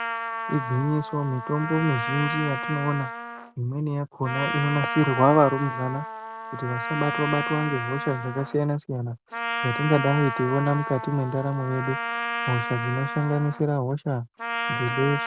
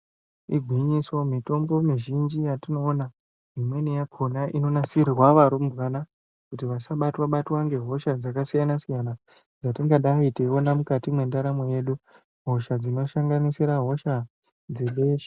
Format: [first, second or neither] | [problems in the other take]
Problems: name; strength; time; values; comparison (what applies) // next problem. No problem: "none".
second | background sound (Trumpet); 5 dB below the speech